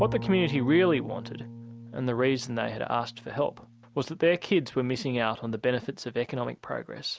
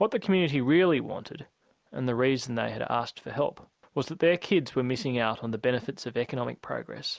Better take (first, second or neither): second